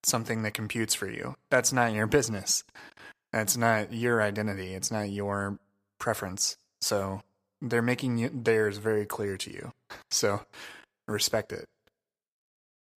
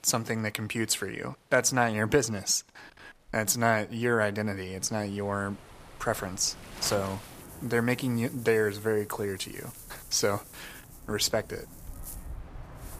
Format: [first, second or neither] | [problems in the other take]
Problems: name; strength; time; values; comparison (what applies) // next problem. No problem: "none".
first | rain or running water; noticeable; throughout; 15 dB below the speech